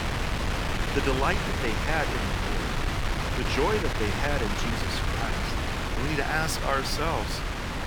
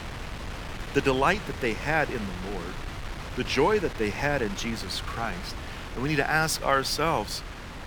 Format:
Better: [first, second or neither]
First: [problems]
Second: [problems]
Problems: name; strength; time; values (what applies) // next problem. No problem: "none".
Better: second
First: wind noise on the microphone; heavy; 1 dB below the speech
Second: wind noise on the microphone; occasional gusts; 10 dB below the speech